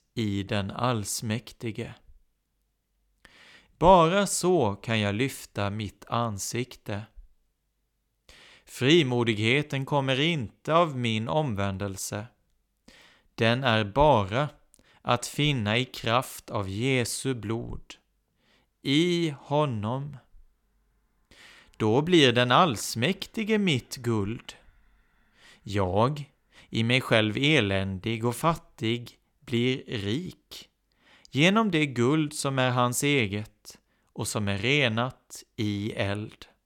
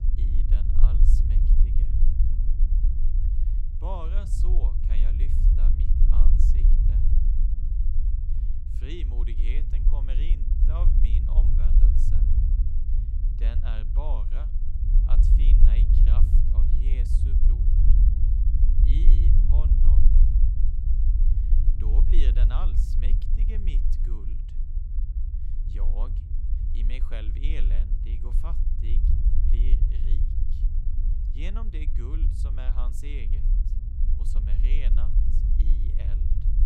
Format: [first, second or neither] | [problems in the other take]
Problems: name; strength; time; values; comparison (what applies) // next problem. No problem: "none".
first | low rumble; loud; throughout; 1 dB below the speech